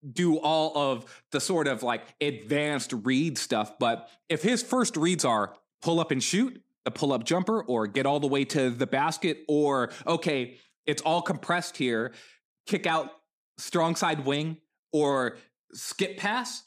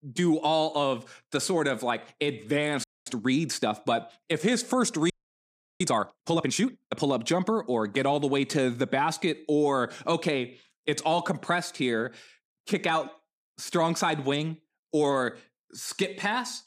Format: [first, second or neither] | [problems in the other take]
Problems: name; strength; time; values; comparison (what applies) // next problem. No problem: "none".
first | audio freezing; at 3 s and at 5 s for 0.5 s